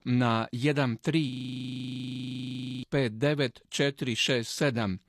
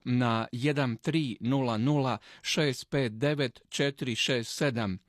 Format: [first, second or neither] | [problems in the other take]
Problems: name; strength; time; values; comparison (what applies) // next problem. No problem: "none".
second | audio freezing; at 1.5 s for 1.5 s